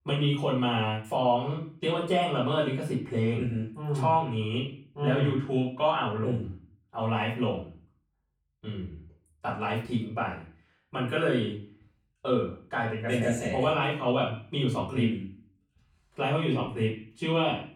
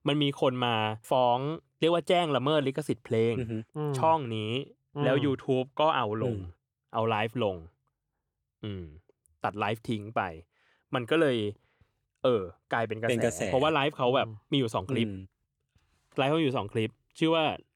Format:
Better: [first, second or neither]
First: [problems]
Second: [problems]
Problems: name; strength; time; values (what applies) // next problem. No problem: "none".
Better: second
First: room echo; slight; dies away in 0.4 s // off-mic speech; far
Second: none